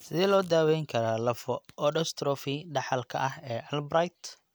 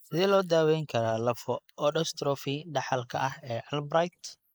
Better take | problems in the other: first | noise reduction (neural mask model Resemble Enhance denoiser)

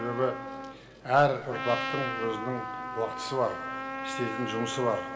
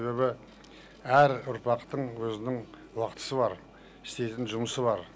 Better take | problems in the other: second | background sound (Trumpet); 6 dB below the speech // room echo; dies away in 1.7 s

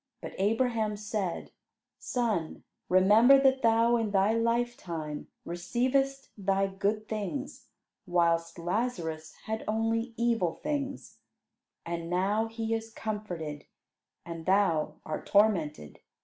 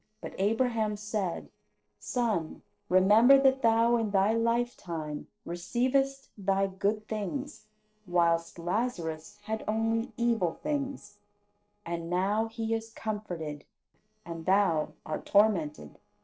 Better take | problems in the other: first | noise reduction (neural separator model SepFormer DNS4)

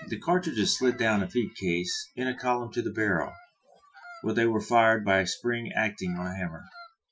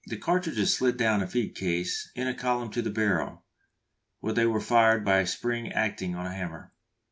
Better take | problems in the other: second | noise reduction (classical method Wiener filter)

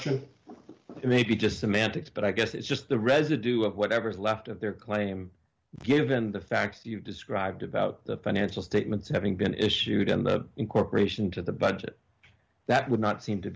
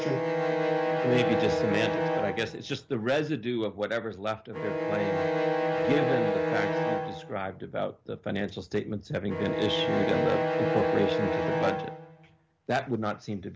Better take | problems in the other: first | background sound (Bowed string instrument); 2 dB above the speech

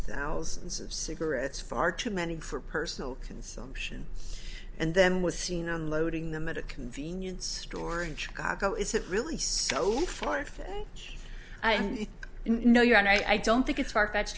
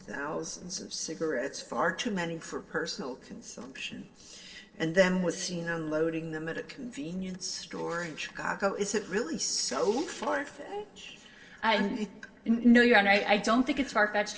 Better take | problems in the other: first | noise reduction (neural separator model SepFormer DNS4)

